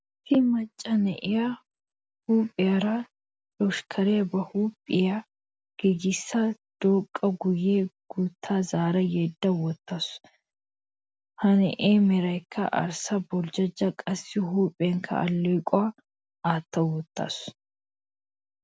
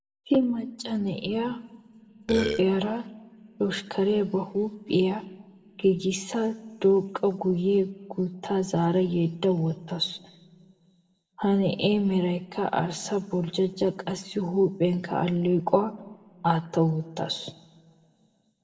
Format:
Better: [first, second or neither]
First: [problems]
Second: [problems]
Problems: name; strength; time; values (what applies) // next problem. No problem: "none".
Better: first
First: none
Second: background sound (Burping, eructation); as loud as the speech // room echo; dies away in 1 s